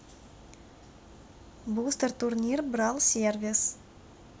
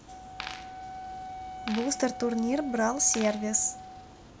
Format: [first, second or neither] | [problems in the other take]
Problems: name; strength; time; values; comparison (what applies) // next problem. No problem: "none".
first | background sound (Coin (dropping) + Wind instrument, woodwind instrument); 11 dB below the speech